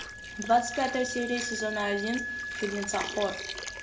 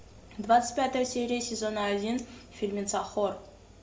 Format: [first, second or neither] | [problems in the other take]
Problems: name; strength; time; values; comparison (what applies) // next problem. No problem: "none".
second | background sound (Wind instrument, woodwind instrument + Water); 6 dB below the speech